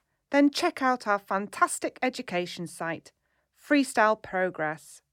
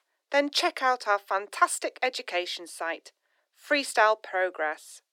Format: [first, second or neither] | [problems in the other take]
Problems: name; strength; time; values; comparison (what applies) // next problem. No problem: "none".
first | thin; somewhat; fading below 350 Hz